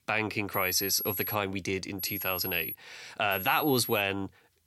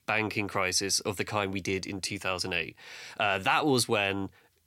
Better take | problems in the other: second | high-pitched whine; loud; at 0.5 s, at 2 s and at 3.5 s; 11.5 kHz, 5 dB below the speech

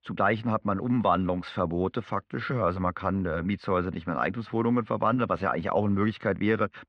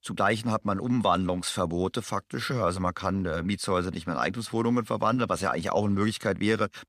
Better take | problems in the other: second | muffled; very; fading above 2.5 kHz

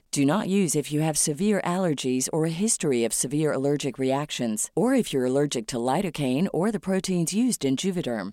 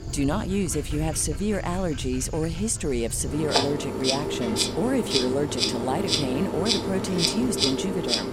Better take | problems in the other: first | animal sounds; loud; throughout; as loud as the speech

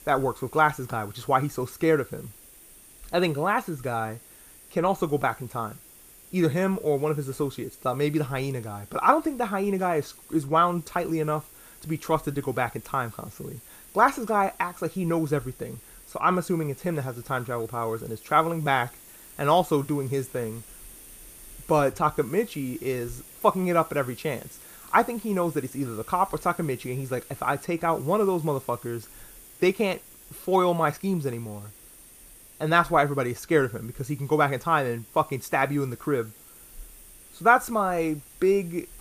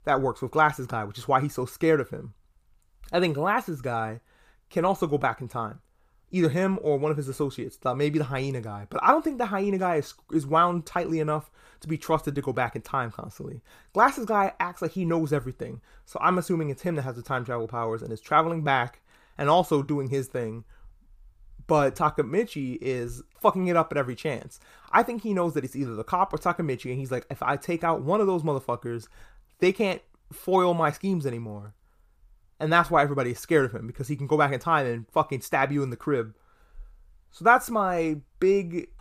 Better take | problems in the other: second | hiss; faint; throughout; 20 dB below the speech

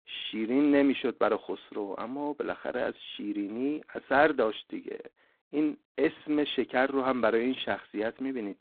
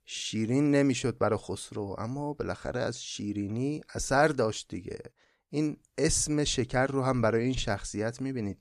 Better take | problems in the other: second | phone-call audio; poor line

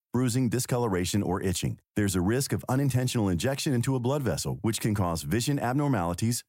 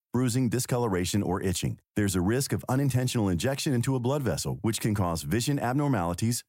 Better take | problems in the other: neither | none

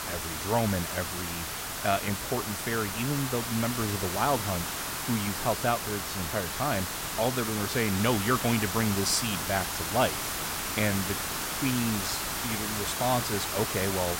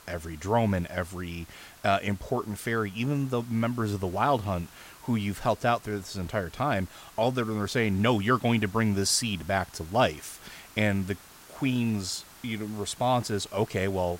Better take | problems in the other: second | hiss; loud; throughout; 1 dB below the speech; faint in the second

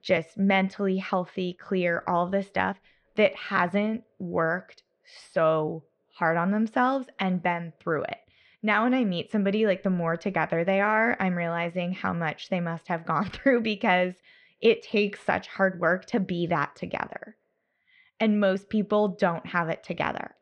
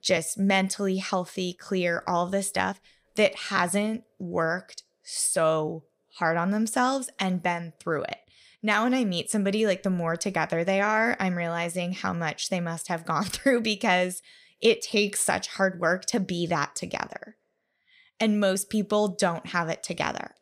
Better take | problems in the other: second | muffled; very; fading above 3 kHz

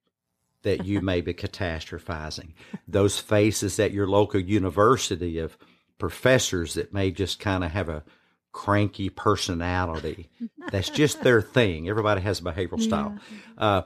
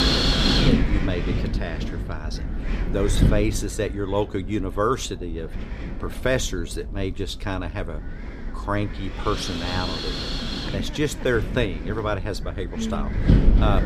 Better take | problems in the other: first | wind noise on the microphone; heavy; as loud as the speech

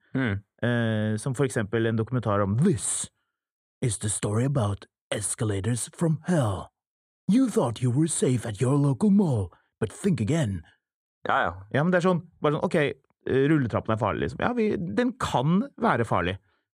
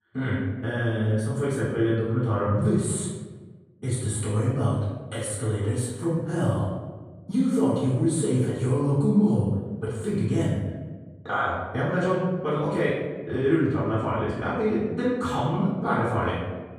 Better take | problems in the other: first | off-mic speech; far // room echo; noticeable; dies away in 1.2 s

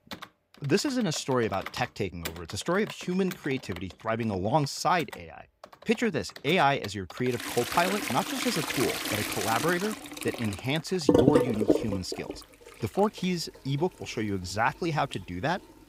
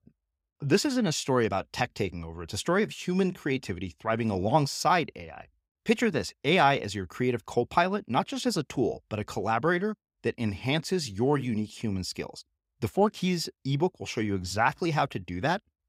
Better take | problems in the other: second | household noises; loud; throughout; 1 dB below the speech

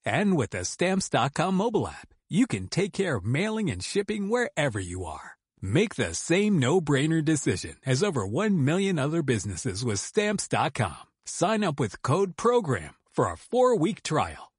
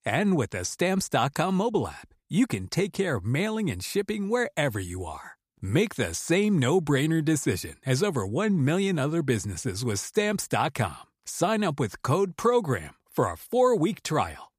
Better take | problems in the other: second | garbled, watery; slightly; nothing above 10.5 kHz

